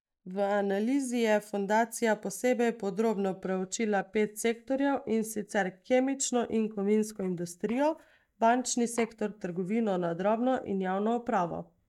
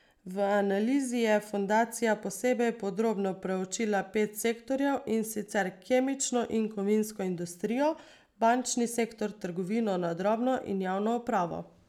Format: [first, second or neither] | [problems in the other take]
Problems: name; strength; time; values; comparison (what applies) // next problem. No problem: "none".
second | noise reduction (neural mask model DeepFilterNet 3)